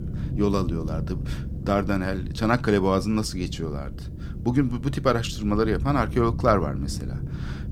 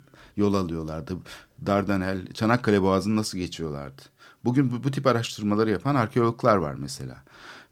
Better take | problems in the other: second | low rumble; noticeable; throughout; 15 dB below the speech

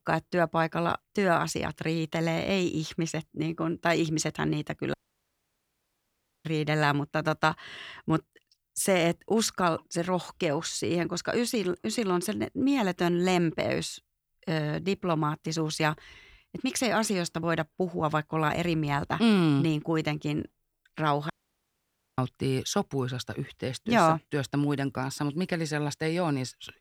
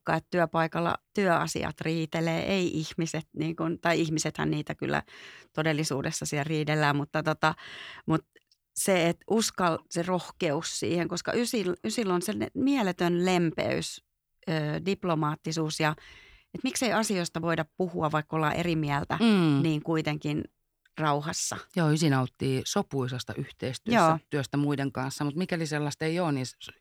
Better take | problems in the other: second | audio cutting out; at 5 s for 1.5 s and at 21 s for 1 s

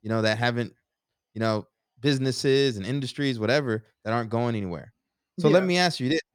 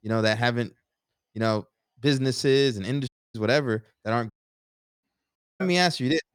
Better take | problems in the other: first | audio cutting out; at 3 s, at 4.5 s for 0.5 s and at 5.5 s

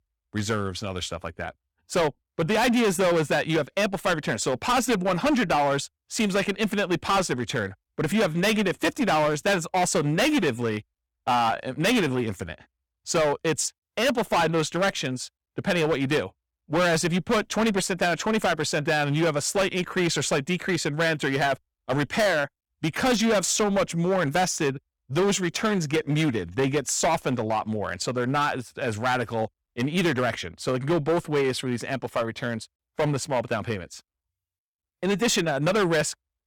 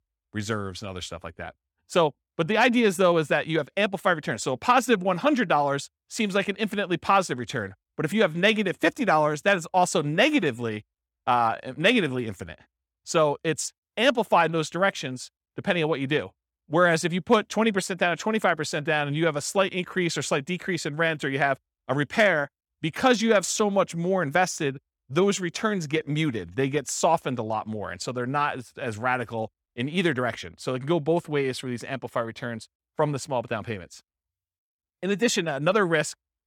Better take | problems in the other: second | distortion; heavy; 12% of the sound clipped

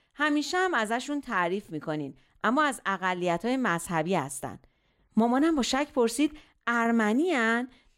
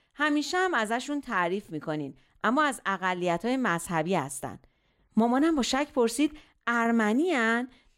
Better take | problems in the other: neither | none

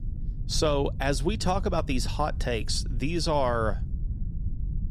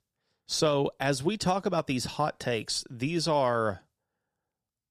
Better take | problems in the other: second | low rumble; faint; throughout; 20 dB below the speech

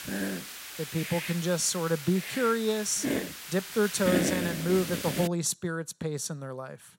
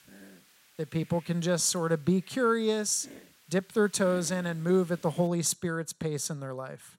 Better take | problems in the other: second | hiss; loud; until 5.5 s; 5 dB below the speech; faint in the second

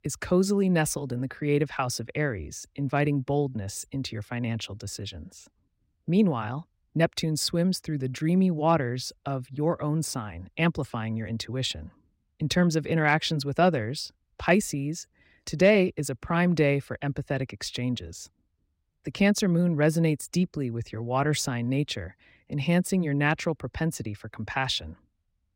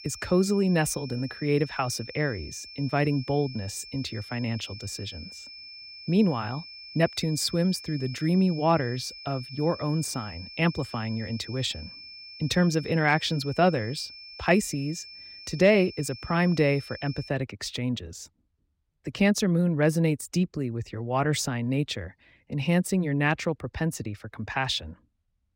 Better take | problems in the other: first | high-pitched whine; noticeable; until 17 s; 5.5 kHz, 15 dB below the speech

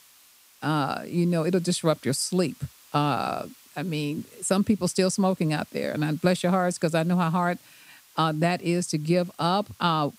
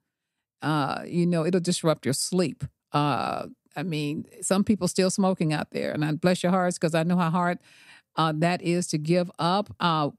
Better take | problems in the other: second | hiss; faint; throughout; 25 dB below the speech

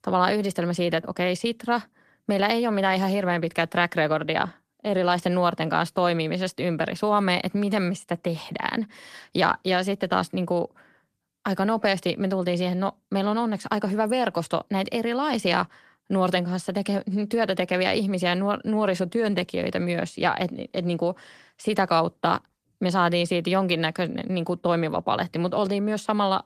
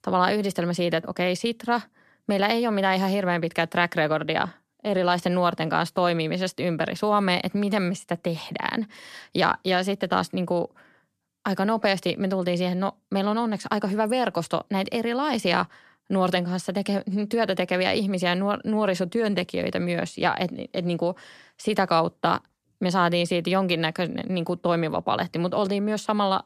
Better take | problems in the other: second | garbled, watery; slightly; nothing above 14 kHz

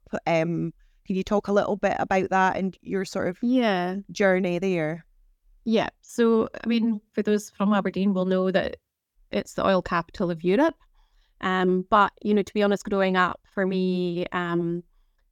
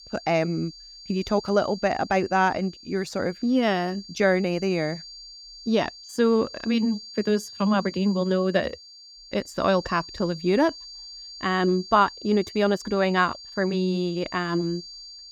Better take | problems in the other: first | high-pitched whine; noticeable; throughout; 4.5 kHz, 15 dB below the speech

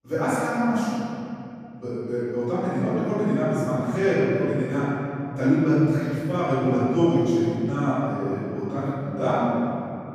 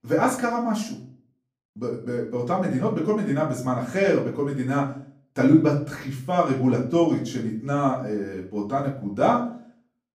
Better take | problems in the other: second | room echo; strong; dies away in 3 s; slight in the second // off-mic speech; far; far in the second

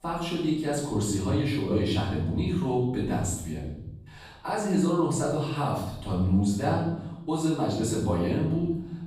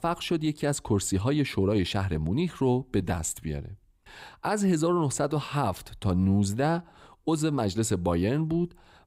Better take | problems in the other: second | room echo; noticeable; dies away in 0.8 s // off-mic speech; far

